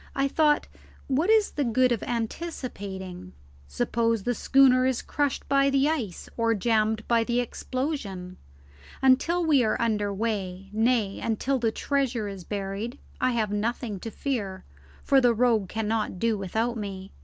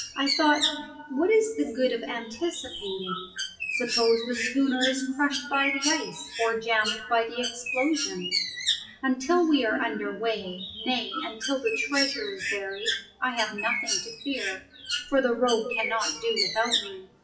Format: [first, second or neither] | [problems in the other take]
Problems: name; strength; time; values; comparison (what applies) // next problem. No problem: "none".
first | noise reduction (classical method WPE with log-MMSE)